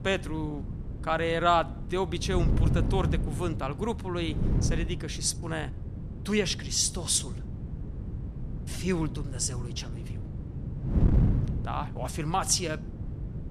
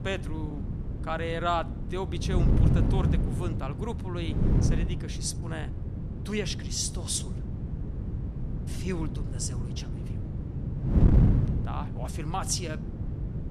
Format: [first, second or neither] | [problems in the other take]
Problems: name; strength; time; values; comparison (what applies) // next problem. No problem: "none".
first | wind noise on the microphone; heavy; 6 dB below the speech; occasional gusts in the first